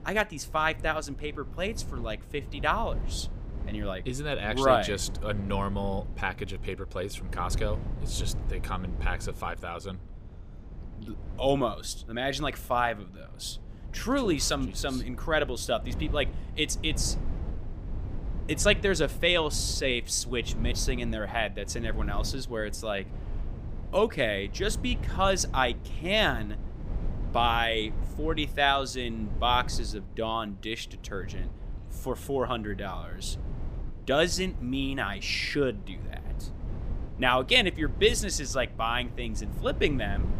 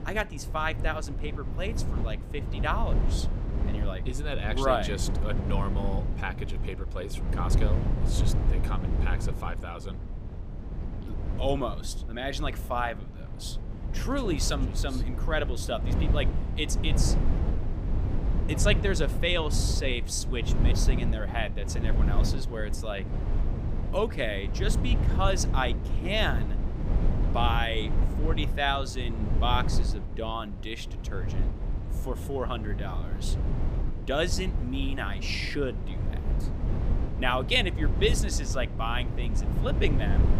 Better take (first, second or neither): first